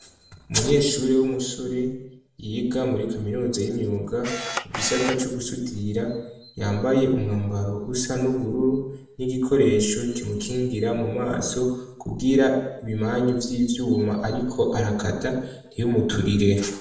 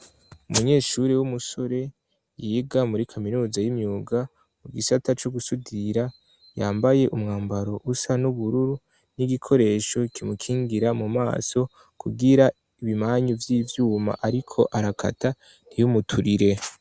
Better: second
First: background sound (Camera); 7 dB below the speech // room echo; dies away in 0.7 s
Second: none

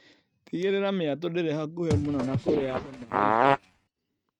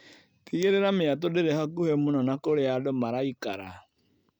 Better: second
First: noise reduction (neural mask model RNNoise)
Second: none

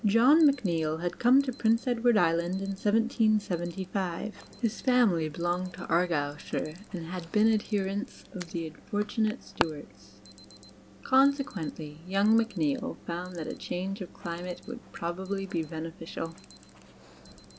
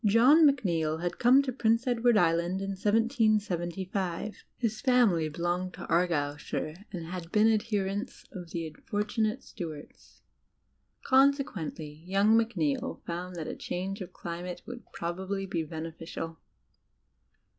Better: second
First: background sound (Alarm); 18 dB below the speech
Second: none

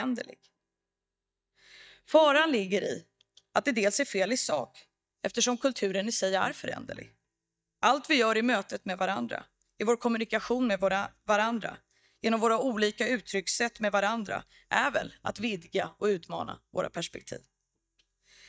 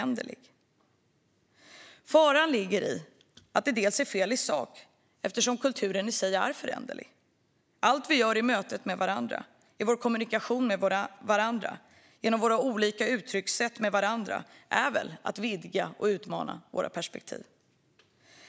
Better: second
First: noise reduction (neural mask model DeepFilterNet 3)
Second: none

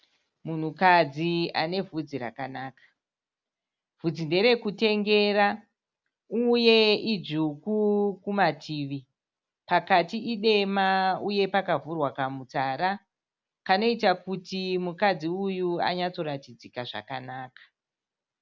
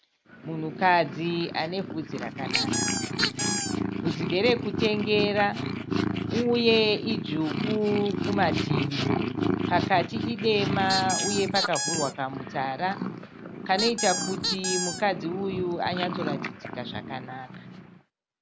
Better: first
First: none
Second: background sound (Purr + Squeak); 2 dB below the speech

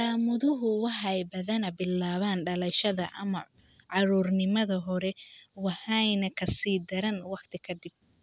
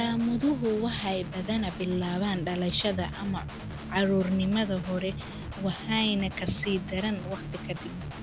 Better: first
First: none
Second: background sound (Guitar); 8 dB below the speech

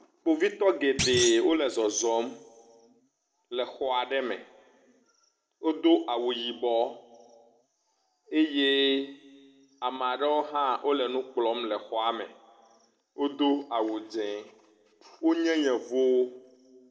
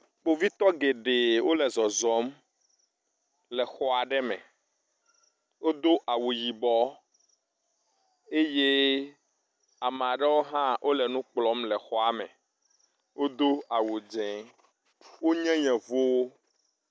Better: second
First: background sound (Thump, thud); 4 dB below the speech // room echo; dies away in 1.3 s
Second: none

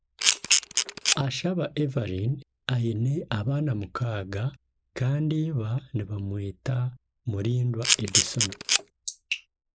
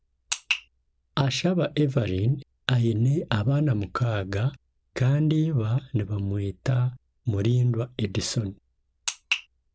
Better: second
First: noise reduction (neural mask model Resemble Enhance denoiser)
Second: none

